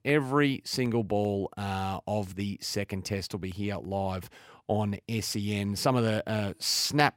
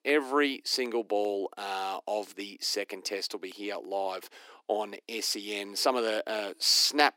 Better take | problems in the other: first | thin; somewhat; fading below 300 Hz

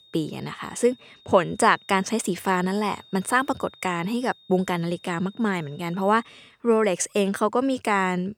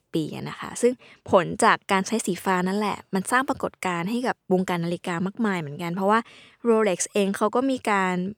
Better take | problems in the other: second | high-pitched whine; faint; until 6.5 s; 3.5 kHz, 25 dB below the speech

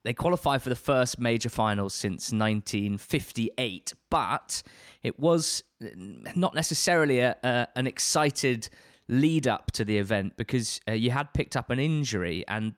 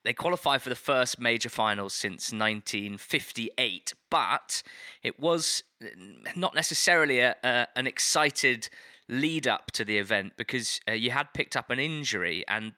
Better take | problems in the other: first | thin; somewhat; fading below 450 Hz

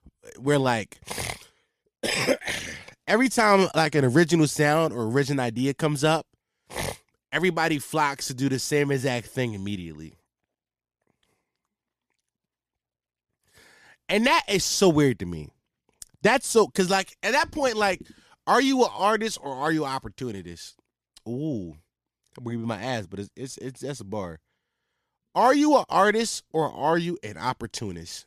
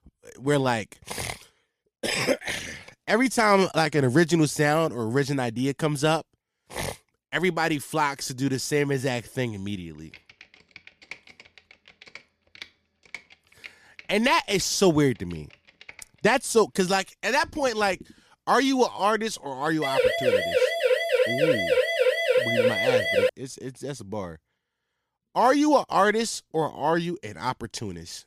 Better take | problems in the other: first | keyboard typing; faint; from 10 to 16 s; peak 15 dB below the speech // siren; loud; from 20 to 23 s; peak 4 dB above the speech

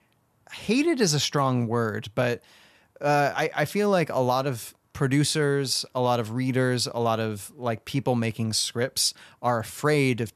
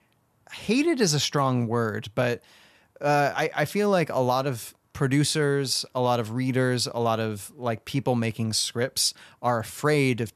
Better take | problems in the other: neither | none

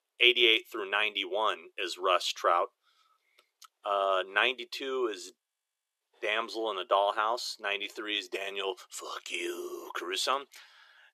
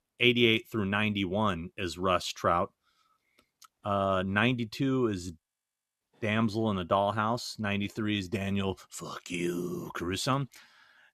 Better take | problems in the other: second | thin; very; fading below 400 Hz

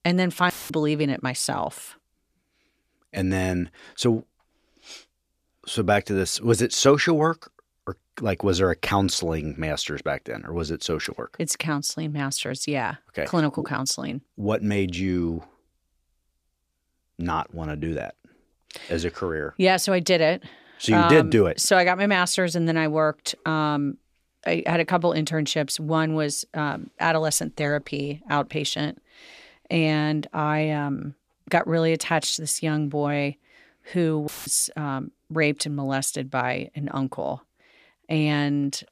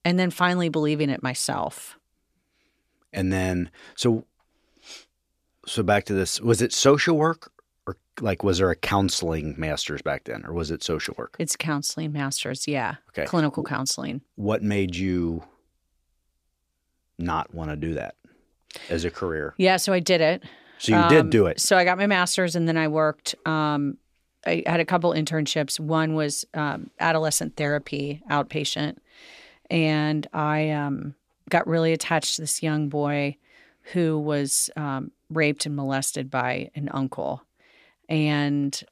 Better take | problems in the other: second | audio cutting out; filled with static; at 0.5 s and at 34 s

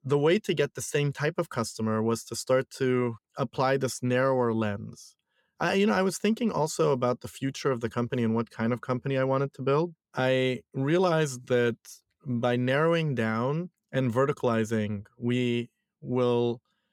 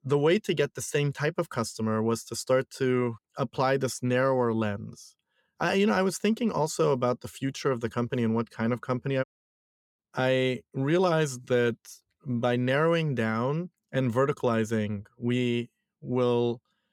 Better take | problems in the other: first | audio cutting out; at 9 s for 0.5 s

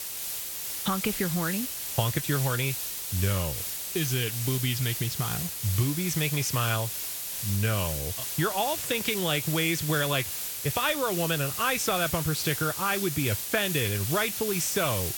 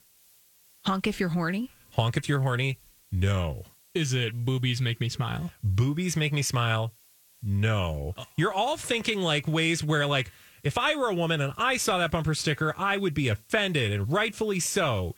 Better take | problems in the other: second | hiss; loud; throughout; 2 dB below the speech; faint in the second

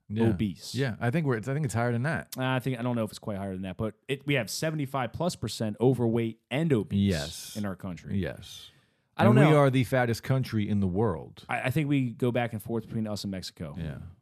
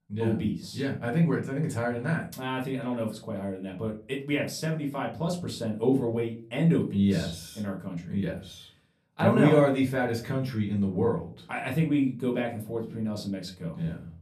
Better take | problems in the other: first | off-mic speech; far // room echo; very slight; dies away in 0.3 s

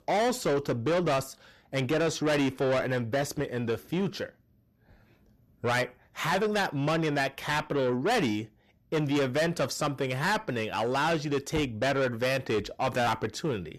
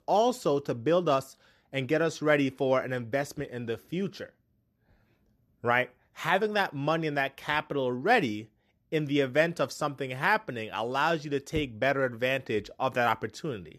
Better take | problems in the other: second | distortion; heavy; 6 dB below the speech

